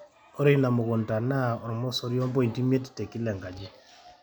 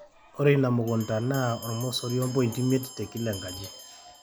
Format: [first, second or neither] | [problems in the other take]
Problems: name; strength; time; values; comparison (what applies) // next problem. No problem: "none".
first | background sound (Bell); 17 dB below the speech